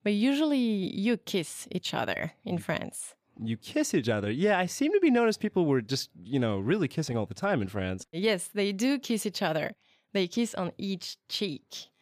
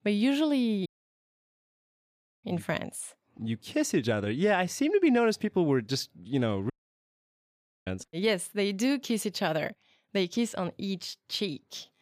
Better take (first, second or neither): first